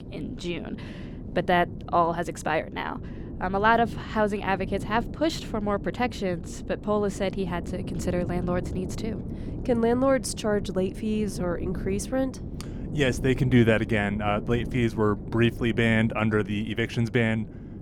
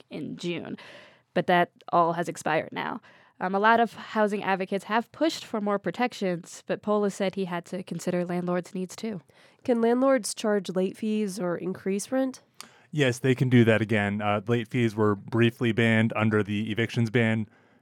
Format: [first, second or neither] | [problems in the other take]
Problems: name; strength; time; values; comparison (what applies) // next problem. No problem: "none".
second | wind noise on the microphone; occasional gusts; 15 dB below the speech